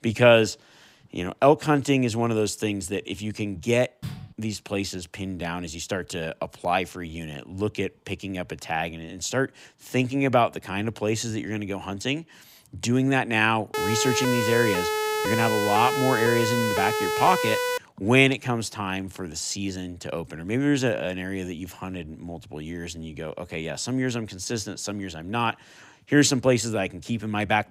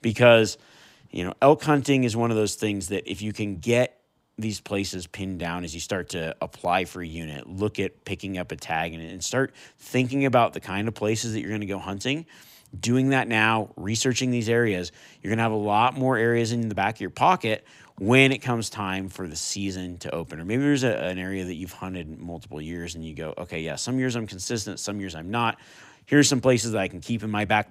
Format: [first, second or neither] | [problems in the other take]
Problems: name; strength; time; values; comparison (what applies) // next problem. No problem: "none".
second | door banging; faint; at 4 s; peak 10 dB below the speech // siren; loud; from 14 to 18 s; peak level with the speech